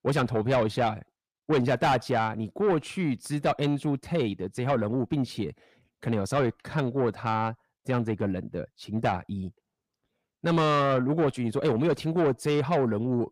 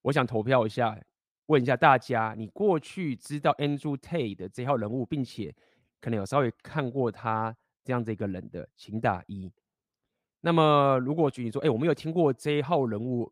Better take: second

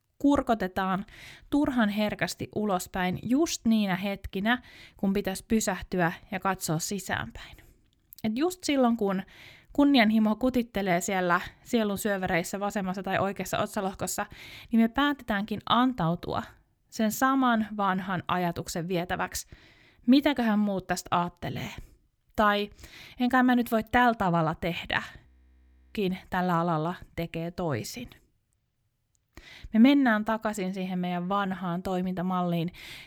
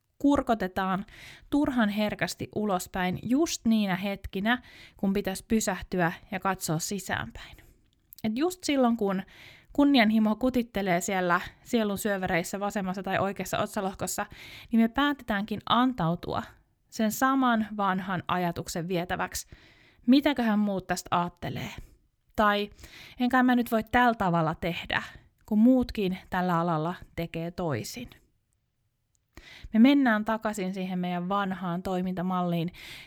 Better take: second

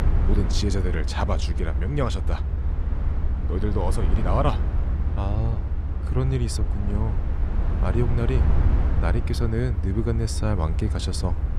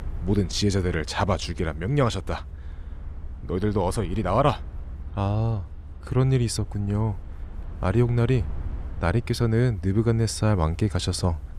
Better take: second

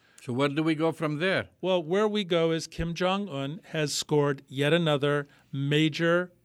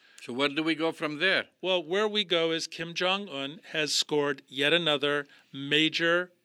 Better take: first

